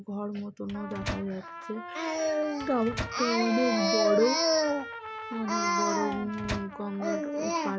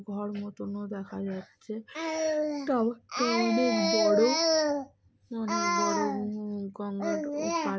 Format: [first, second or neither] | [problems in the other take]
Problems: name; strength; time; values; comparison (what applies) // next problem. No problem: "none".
second | background sound (Trumpet + Microwave oven); 10 dB below the speech